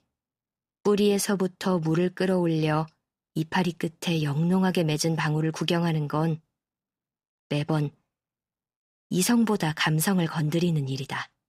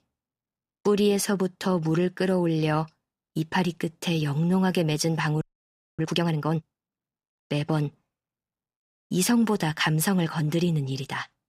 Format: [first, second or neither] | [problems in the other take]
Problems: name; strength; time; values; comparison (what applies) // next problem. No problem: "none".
first | audio freezing; at 5.5 s for 0.5 s